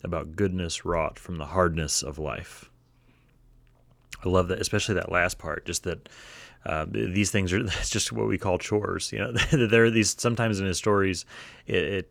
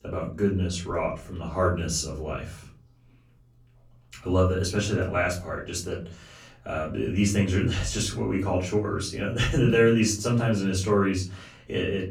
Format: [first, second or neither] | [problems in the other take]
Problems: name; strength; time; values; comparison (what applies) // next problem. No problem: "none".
first | off-mic speech; far // room echo; slight; dies away in 0.4 s